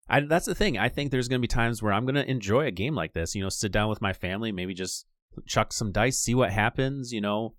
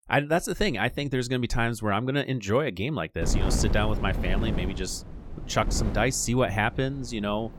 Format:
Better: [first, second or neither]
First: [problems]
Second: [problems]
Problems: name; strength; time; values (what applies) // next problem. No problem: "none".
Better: first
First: none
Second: wind noise on the microphone; occasional gusts; from 3 s on; 10 dB below the speech